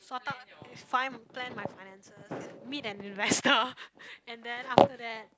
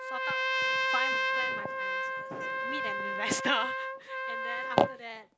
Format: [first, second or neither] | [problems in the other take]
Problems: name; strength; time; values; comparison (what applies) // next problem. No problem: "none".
first | background sound (Trumpet); 3 dB above the speech